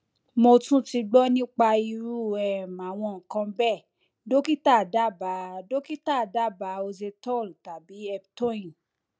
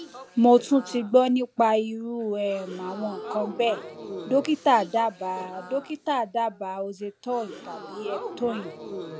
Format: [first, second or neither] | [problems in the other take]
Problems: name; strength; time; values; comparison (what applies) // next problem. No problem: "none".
first | background sound (Crowd / Gasp); 14 dB below the speech